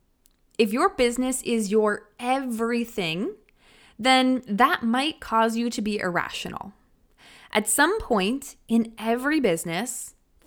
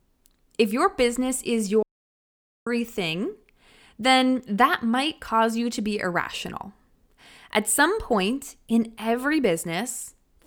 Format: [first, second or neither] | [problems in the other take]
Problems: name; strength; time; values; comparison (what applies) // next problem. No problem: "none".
first | audio cutting out; at 2 s for 1 s